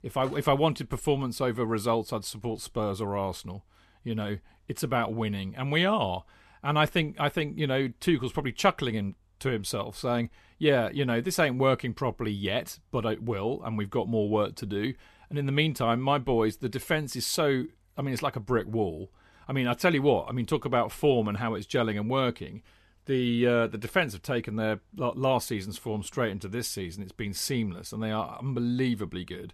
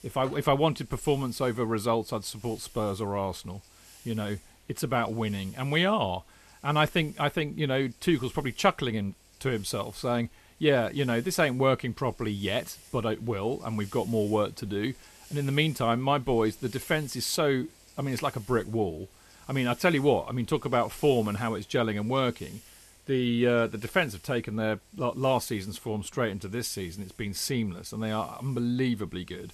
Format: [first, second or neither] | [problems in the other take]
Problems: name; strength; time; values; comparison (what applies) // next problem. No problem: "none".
first | hiss; faint; throughout; 25 dB below the speech